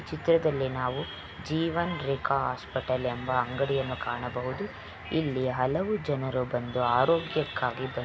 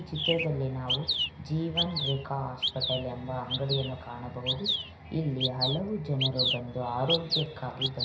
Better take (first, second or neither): first